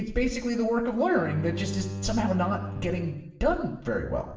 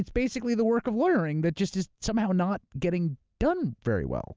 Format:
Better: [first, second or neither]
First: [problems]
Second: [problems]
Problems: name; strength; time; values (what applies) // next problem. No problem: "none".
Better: second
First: background sound (Bowed string instrument); 10 dB below the speech // room echo; dies away in 0.8 s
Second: none